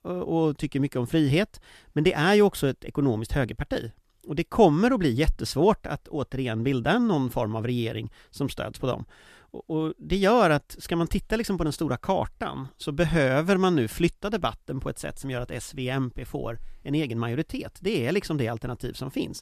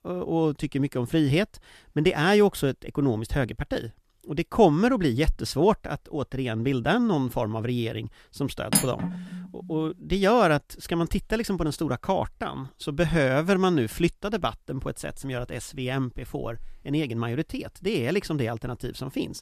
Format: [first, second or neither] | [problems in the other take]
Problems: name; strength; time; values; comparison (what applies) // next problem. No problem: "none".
first | clattering dishes; loud; at 8.5 s; peak 2 dB above the speech